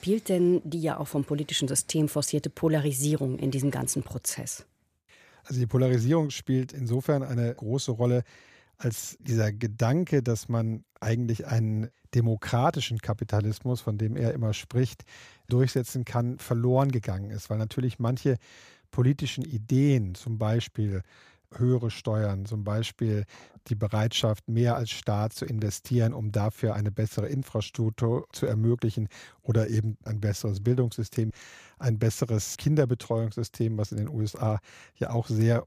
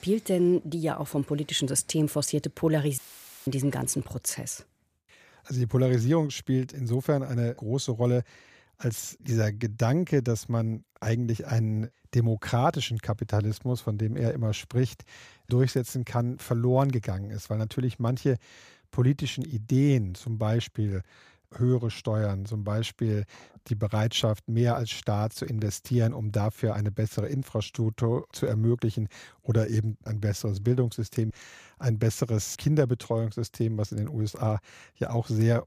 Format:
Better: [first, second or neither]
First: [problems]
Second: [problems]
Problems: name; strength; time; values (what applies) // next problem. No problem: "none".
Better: first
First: none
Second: audio cutting out; filled with static; at 3 s